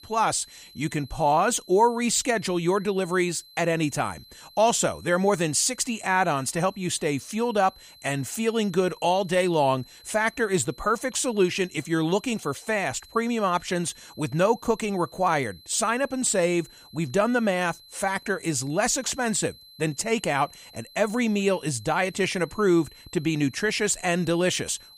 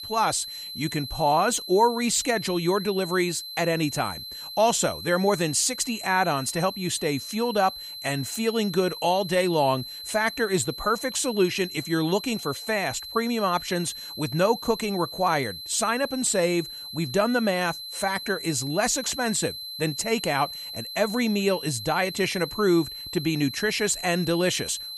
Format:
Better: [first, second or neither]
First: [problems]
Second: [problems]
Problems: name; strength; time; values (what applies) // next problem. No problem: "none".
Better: first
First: high-pitched whine; faint; throughout; 4 kHz, 25 dB below the speech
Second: high-pitched whine; loud; throughout; 4 kHz, 9 dB below the speech